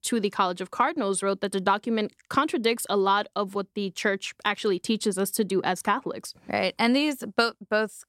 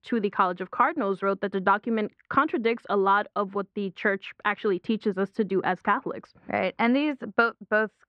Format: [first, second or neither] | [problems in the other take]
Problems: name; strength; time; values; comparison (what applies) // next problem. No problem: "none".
first | muffled; very; fading above 2.5 kHz